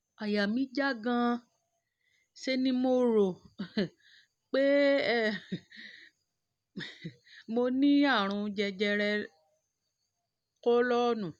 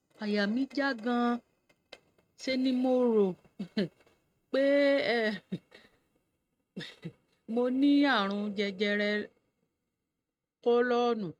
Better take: first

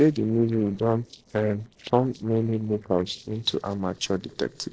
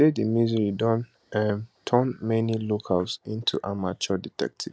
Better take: second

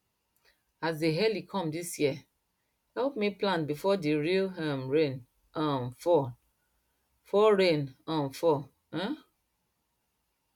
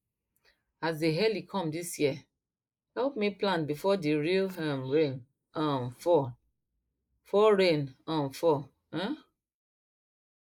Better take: first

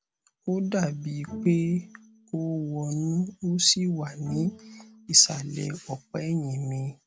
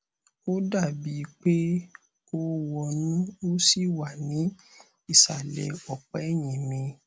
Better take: second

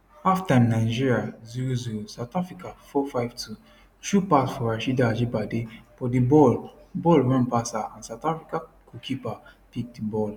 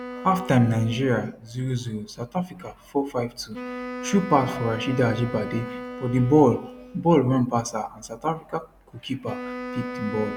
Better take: first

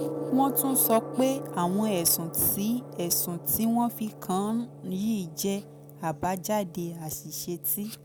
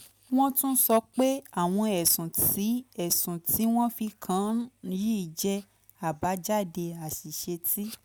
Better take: second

